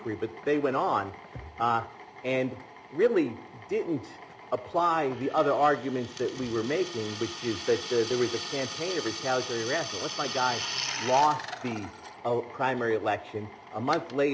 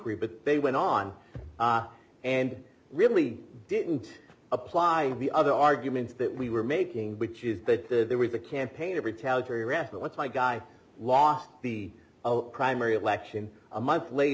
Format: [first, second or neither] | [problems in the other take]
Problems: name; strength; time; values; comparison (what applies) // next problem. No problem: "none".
second | background sound (Drill); 11 dB below the speech